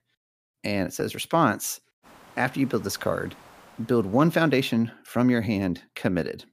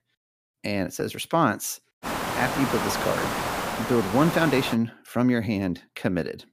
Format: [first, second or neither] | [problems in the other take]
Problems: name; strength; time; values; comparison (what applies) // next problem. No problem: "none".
first | hiss; loud; from 2 to 4.5 s; 3 dB below the speech; faint in the first